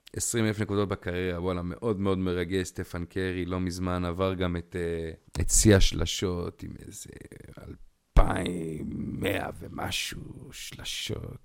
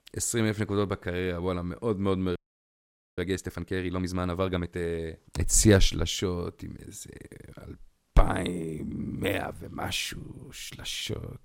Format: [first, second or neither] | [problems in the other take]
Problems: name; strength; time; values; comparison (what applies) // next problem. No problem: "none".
first | audio freezing; at 2.5 s for 1 s